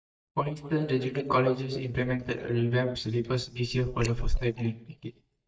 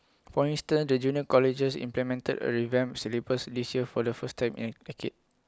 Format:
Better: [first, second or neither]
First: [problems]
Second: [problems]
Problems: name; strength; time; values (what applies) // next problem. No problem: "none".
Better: second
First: noise reduction (neural mask model DeepFilterNet 3)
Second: none